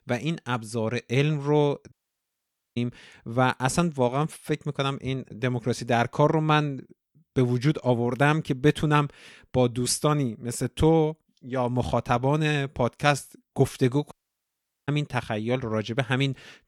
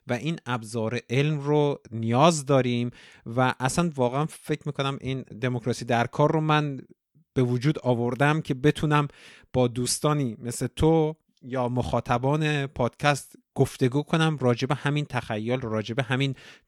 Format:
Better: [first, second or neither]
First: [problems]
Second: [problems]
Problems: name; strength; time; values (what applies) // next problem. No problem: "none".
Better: second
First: audio cutting out; at 2 s for 1 s and at 14 s for 1 s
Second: none